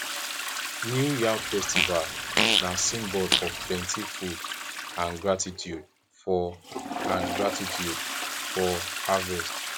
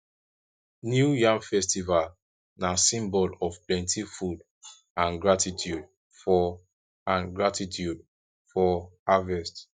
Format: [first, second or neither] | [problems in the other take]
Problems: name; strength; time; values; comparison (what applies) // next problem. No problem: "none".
second | background sound (Fart + Toilet flush); as loud as the speech